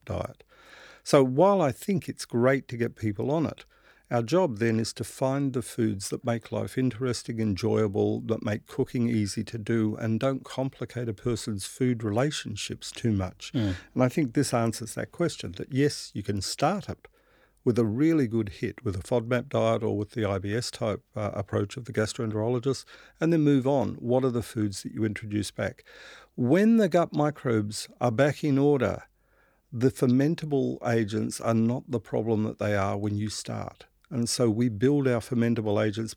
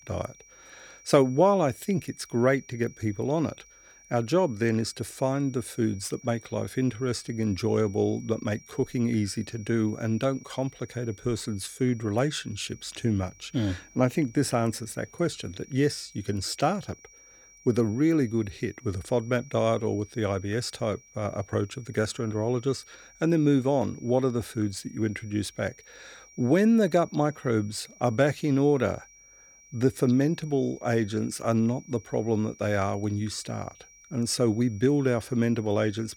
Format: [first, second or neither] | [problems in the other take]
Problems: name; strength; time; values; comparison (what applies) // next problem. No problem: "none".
first | high-pitched whine; faint; throughout; 5.5 kHz, 25 dB below the speech